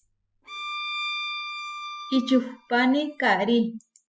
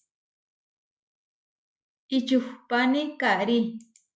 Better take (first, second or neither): second